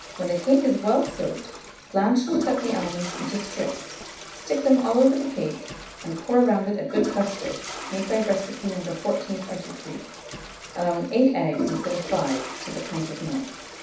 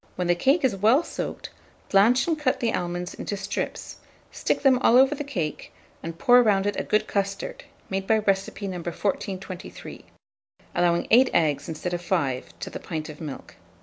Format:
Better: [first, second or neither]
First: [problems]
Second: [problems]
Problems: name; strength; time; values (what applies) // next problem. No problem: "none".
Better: second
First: background sound (Toilet flush); 10 dB below the speech // room echo; dies away in 0.7 s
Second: none